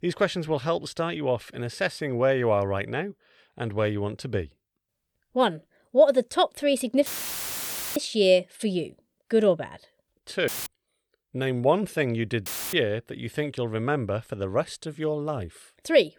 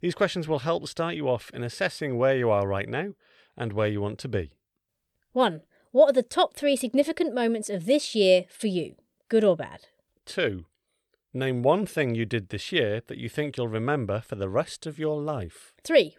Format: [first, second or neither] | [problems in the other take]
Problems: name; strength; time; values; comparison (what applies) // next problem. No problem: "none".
second | audio cutting out; filled with static; at 7 s for 1 s, at 10 s and at 12 s